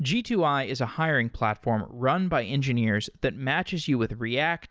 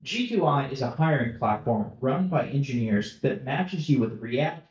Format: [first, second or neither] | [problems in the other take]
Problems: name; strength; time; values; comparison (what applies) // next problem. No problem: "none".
first | noise reduction (neural mask model DeepFilterNet 3)